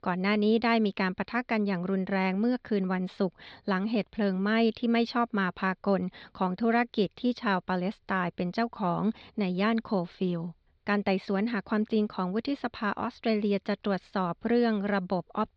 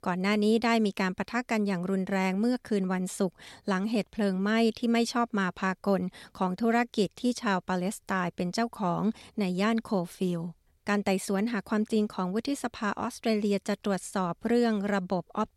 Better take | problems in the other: second | muffled; very slightly; fading above 4 kHz

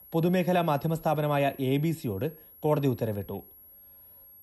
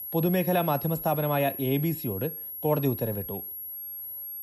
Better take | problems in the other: first | high-pitched whine; loud; throughout; 11.5 kHz, 7 dB below the speech; faint in the first

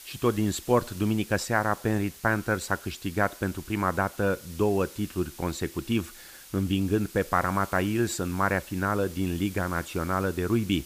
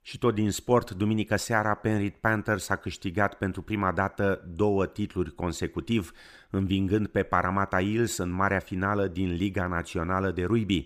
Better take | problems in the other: second | hiss; noticeable; throughout; 15 dB below the speech

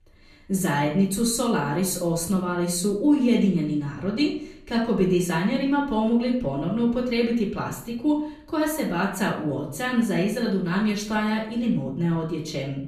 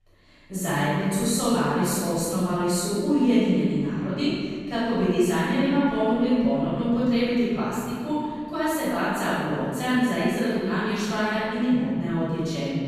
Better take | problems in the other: first | room echo; strong; dies away in 1.9 s; slight in the first // off-mic speech; far; far in the first

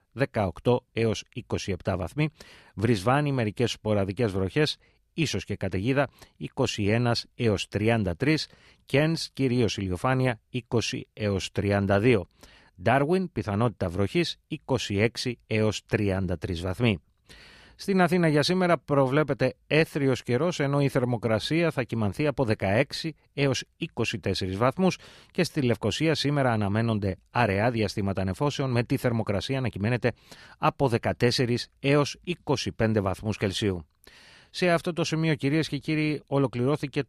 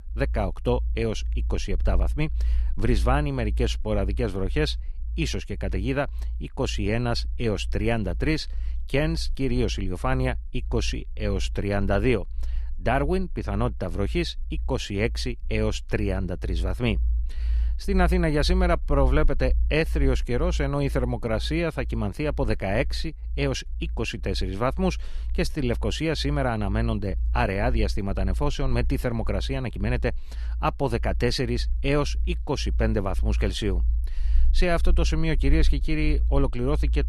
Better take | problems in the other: first | low rumble; faint; throughout; 25 dB below the speech

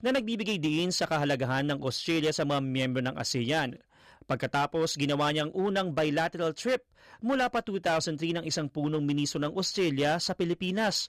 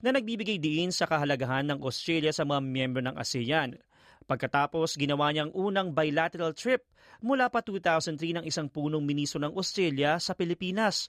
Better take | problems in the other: second | distortion; slight; 7% of the sound clipped

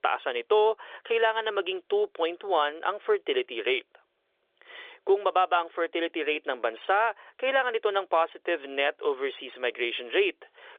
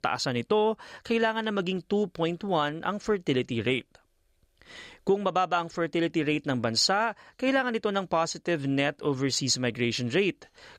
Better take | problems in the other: second | phone-call audio; nothing above 3.5 kHz

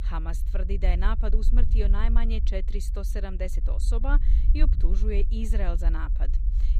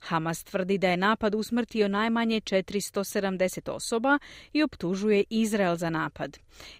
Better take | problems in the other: second | low rumble; noticeable; throughout; 10 dB below the speech

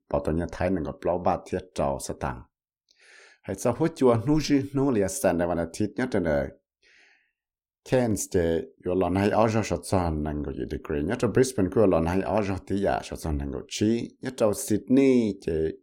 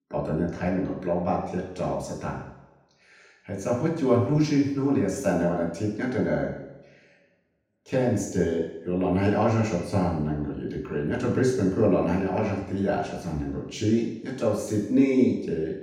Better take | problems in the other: first | room echo; noticeable; dies away in 0.9 s // off-mic speech; far

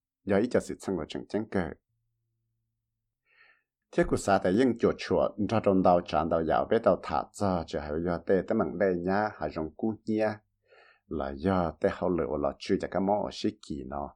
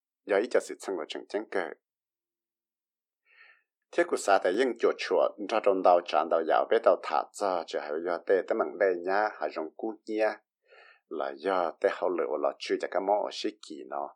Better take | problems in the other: first | thin; somewhat; fading below 350 Hz

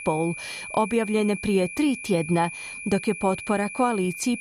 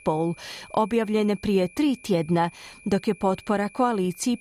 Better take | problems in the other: second | high-pitched whine; loud; throughout; 2.5 kHz, 10 dB below the speech; faint in the second

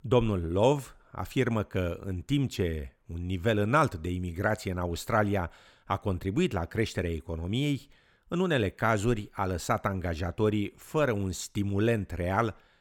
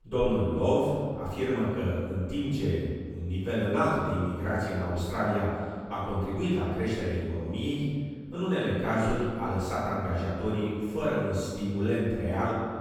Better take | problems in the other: first | off-mic speech; far // room echo; strong; dies away in 1.8 s

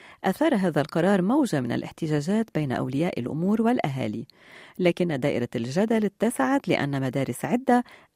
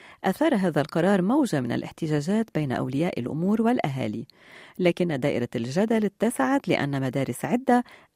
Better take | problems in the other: neither | none

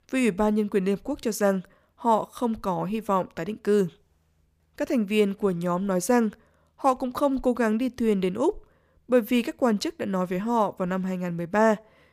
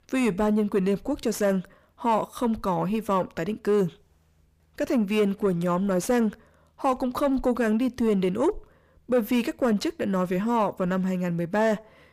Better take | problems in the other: first | distortion; slight; 10 dB below the speech

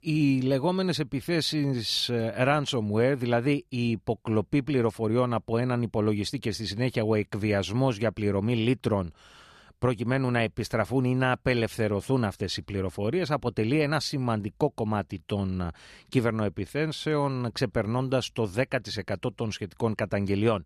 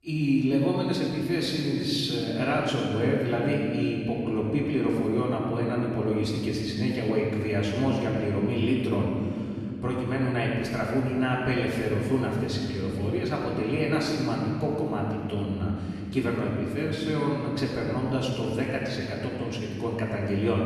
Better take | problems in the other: first | room echo; noticeable; dies away in 3 s // off-mic speech; far

